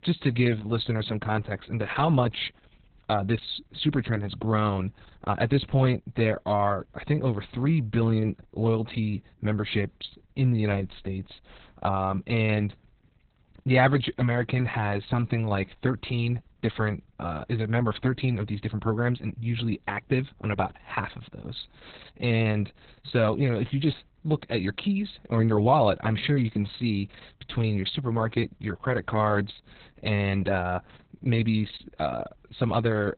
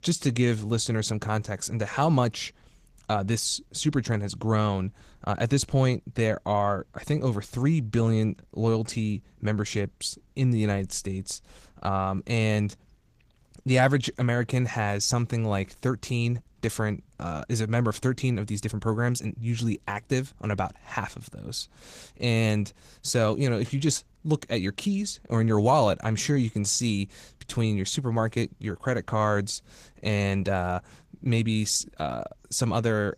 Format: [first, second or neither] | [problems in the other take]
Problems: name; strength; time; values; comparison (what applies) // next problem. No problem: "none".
second | garbled, watery; badly; nothing above 4 kHz; slightly in the second